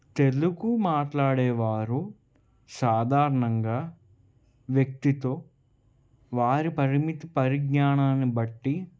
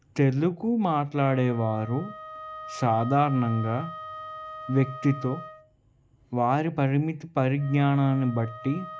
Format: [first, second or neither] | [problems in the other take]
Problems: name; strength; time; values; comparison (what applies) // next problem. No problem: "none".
first | background sound (Wind instrument, woodwind instrument); 15 dB below the speech